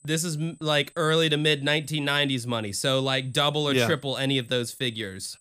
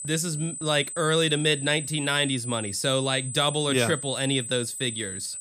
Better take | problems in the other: first | high-pitched whine; loud; throughout; 8 kHz, 8 dB below the speech; faint in the first

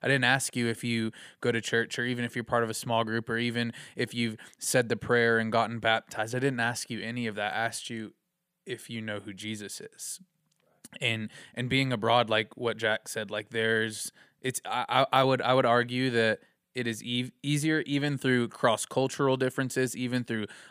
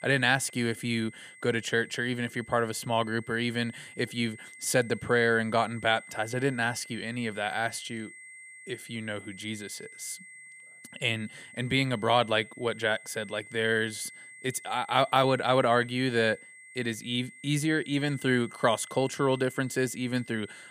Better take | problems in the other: first | high-pitched whine; noticeable; throughout; 2 kHz, 20 dB below the speech

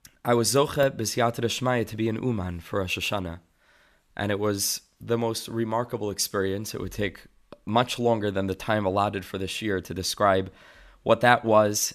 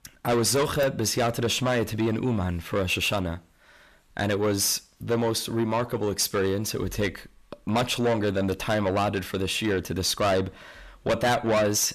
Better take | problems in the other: first | distortion; heavy; 6 dB below the speech

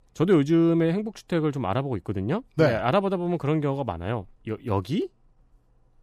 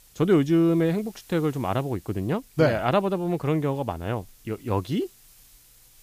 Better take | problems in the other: first | hiss; faint; throughout; 25 dB below the speech

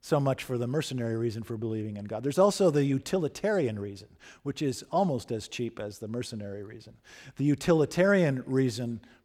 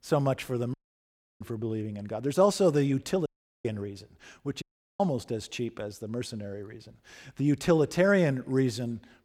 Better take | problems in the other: first | audio cutting out; at 0.5 s for 0.5 s, at 3.5 s and at 4.5 s

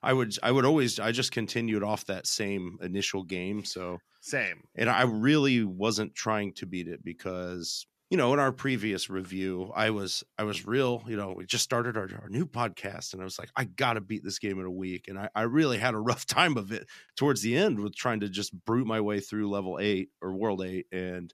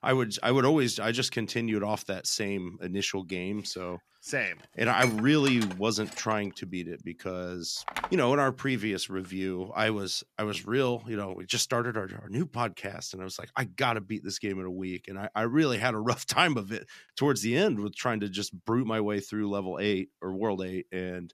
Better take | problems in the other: first | clattering dishes; noticeable; from 5 to 6.5 s; peak 3 dB below the speech // phone ringing; noticeable; at 8 s; peak 6 dB below the speech

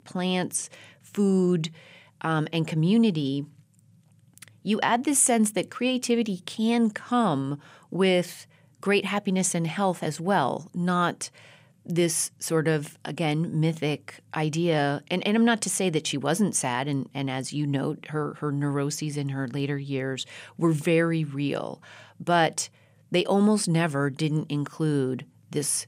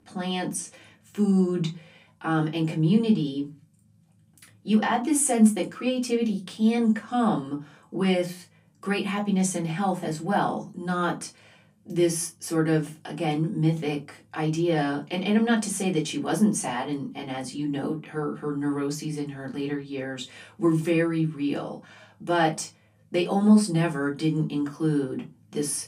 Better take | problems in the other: first | off-mic speech; far // room echo; very slight; dies away in 0.2 s

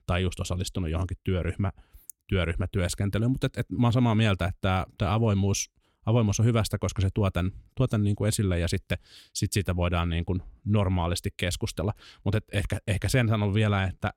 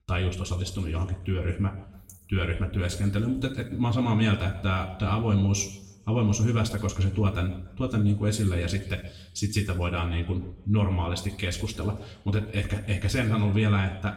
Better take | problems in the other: first | room echo; noticeable; dies away in 0.8 s // off-mic speech; far

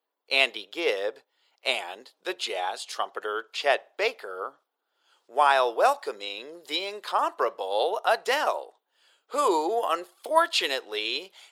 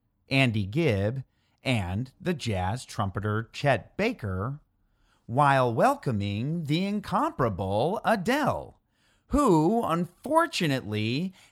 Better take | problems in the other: second | thin; very; fading below 400 Hz

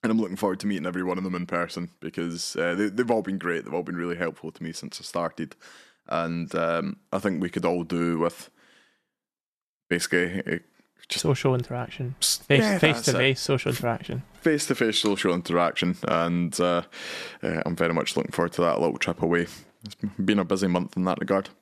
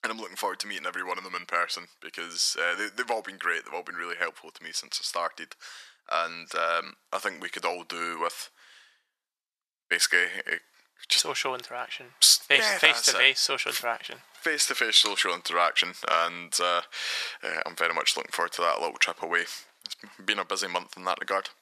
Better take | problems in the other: first | thin; very; fading below 950 Hz

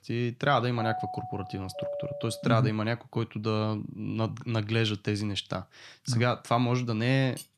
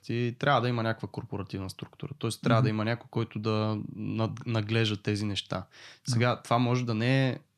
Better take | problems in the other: second | doorbell; noticeable; from 1 to 2.5 s; peak 6 dB below the speech // clattering dishes; very faint; at 7.5 s; peak 15 dB below the speech

